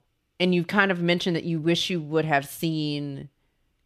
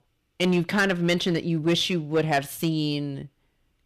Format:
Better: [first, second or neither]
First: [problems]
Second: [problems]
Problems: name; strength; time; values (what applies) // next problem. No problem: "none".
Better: first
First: none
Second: distortion; slight; 4% of the sound clipped